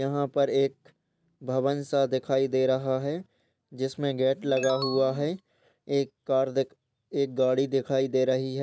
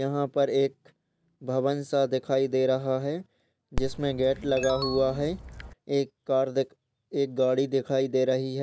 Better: first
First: none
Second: background sound (Dog); 8 dB below the speech

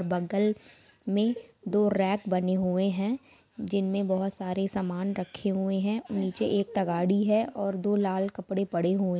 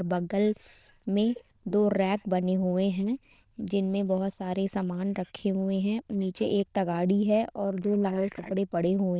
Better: first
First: none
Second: noise reduction (neural diffusion model UNIVERSE++)

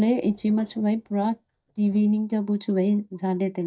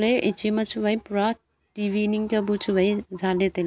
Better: second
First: noise reduction (neural mask model DeepFilterNet 3)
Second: none

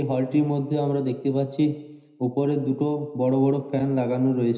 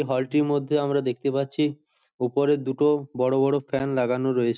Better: second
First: room echo; dies away in 0.9 s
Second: none

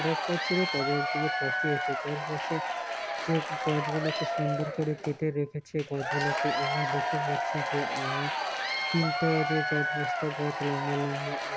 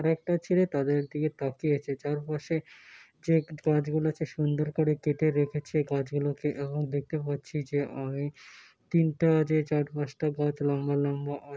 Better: second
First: background sound (Applause / Crowd / Cheering); 1 dB above the speech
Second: none

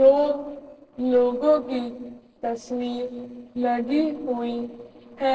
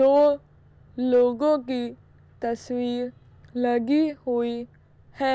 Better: second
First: noise reduction (neural separator model SepFormer DNS4)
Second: none

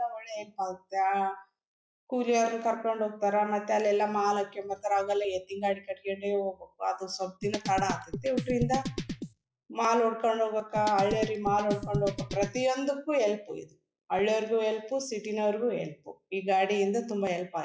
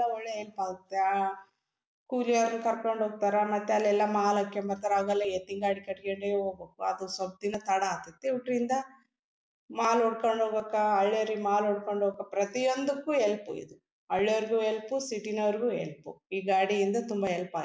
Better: second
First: noise reduction (classical method log-MMSE)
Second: none

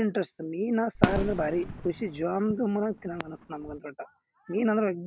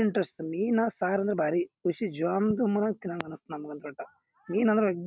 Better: second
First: background sound (Fireworks); 4 dB below the speech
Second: none

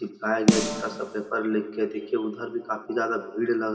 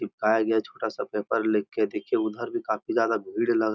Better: second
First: background sound (Snare drum); 1 dB below the speech // room echo; dies away in 2.6 s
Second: none

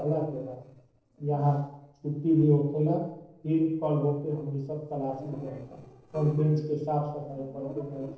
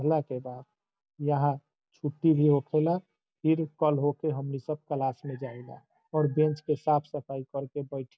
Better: second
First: noise reduction (neural separator model SepFormer DNS4)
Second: none

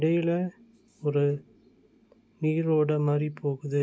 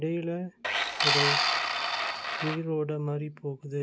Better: first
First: none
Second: background sound (Tools); 3 dB above the speech

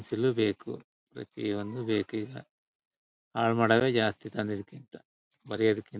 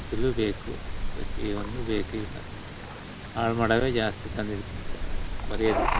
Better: first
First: none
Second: noise reduction (neural mask model Resemble Enhance denoiser)

